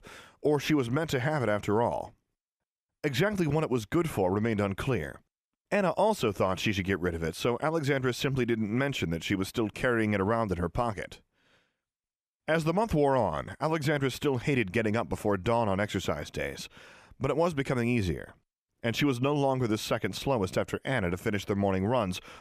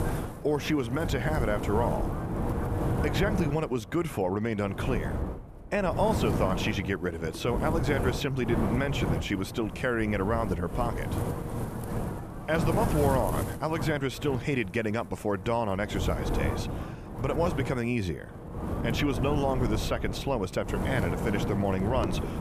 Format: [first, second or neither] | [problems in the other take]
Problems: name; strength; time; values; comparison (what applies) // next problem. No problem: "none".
first | wind noise on the microphone; heavy; 6 dB below the speech